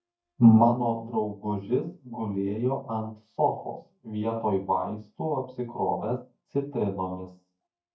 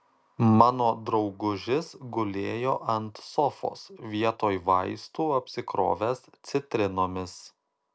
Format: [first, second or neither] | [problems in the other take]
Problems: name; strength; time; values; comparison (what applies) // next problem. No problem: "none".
second | noise reduction (neural mask model DeepFilterNet 3)